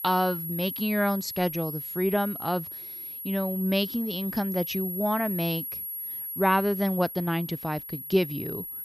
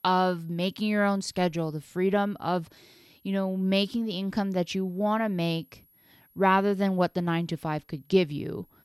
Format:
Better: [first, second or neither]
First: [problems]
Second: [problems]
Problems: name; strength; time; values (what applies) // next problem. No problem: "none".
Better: second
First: high-pitched whine; loud; throughout; 11.5 kHz, 6 dB below the speech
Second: high-pitched whine; faint; throughout; 11.5 kHz, 35 dB below the speech